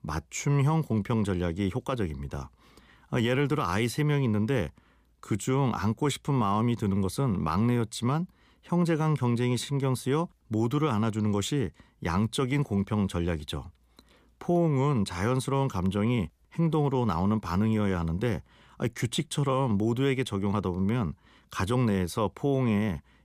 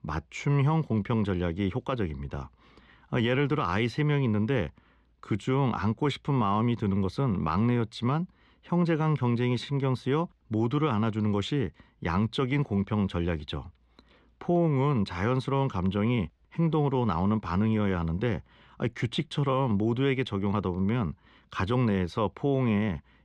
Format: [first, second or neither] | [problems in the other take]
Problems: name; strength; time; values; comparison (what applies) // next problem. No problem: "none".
first | muffled; slightly; fading above 3 kHz